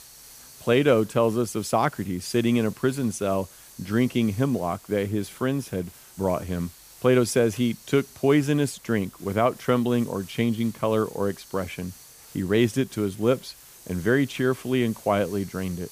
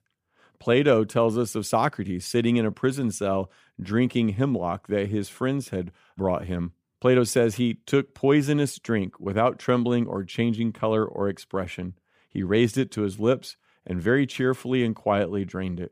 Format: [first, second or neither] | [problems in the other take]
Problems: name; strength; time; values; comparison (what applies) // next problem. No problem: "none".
second | hiss; faint; throughout; 20 dB below the speech